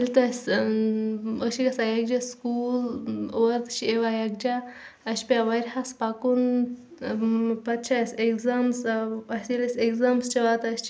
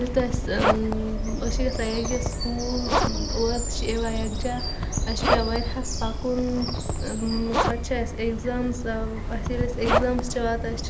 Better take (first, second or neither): first